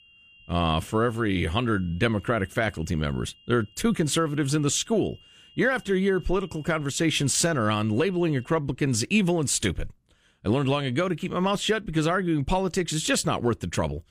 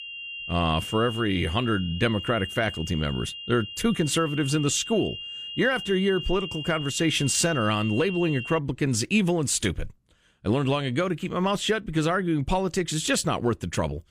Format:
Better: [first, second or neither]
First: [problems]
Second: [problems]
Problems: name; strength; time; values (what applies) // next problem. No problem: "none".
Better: first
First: high-pitched whine; faint; until 8.5 s; 3 kHz, 25 dB below the speech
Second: high-pitched whine; loud; until 8.5 s; 3 kHz, 9 dB below the speech